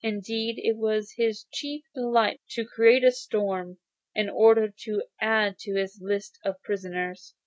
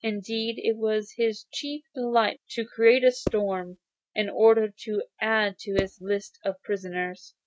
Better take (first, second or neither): first